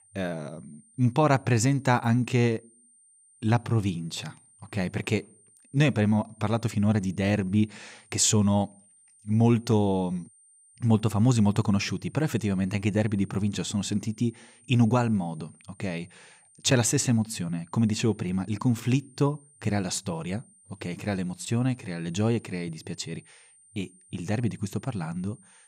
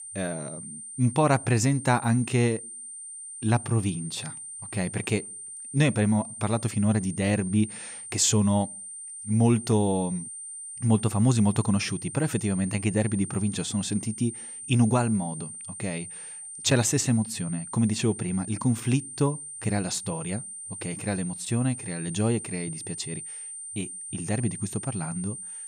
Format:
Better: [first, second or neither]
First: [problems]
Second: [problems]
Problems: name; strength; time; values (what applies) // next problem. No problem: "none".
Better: first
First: high-pitched whine; faint; throughout; 9 kHz, 30 dB below the speech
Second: high-pitched whine; loud; throughout; 9 kHz, 10 dB below the speech